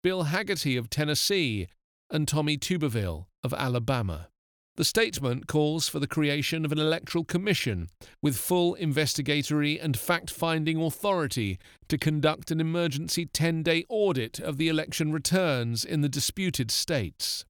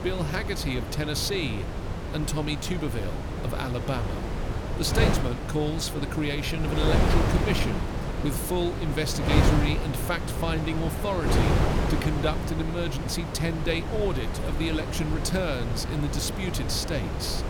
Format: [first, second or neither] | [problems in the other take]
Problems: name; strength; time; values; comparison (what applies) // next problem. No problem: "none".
first | wind noise on the microphone; heavy; 2 dB below the speech